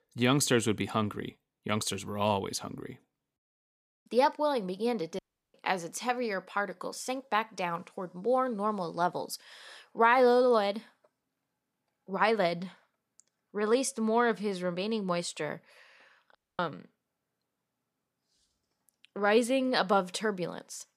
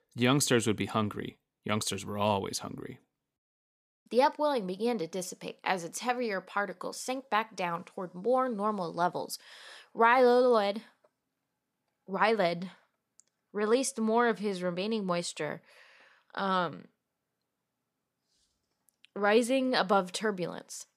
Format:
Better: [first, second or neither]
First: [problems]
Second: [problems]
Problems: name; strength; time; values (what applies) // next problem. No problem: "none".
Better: second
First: audio cutting out; at 5 s and at 16 s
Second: none